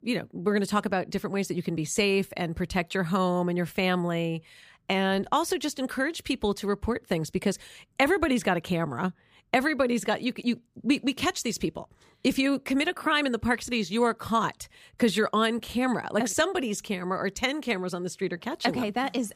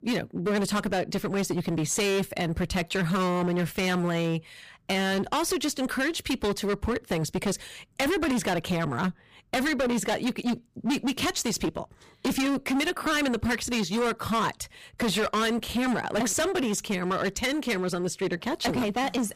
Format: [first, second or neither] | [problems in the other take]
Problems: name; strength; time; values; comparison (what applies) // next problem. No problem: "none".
first | distortion; heavy; 21% of the sound clipped